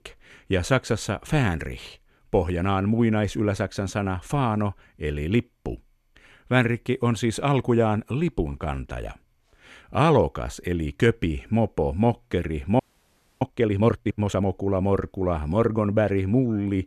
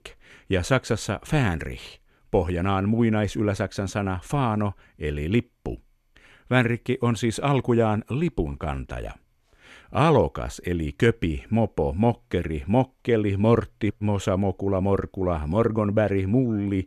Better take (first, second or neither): second